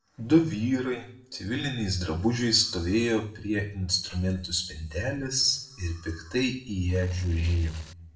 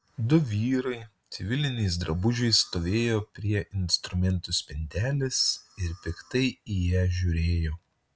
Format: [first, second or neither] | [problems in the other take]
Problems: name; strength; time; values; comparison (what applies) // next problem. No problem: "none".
second | noise reduction (neural separator model SepFormer DNS4)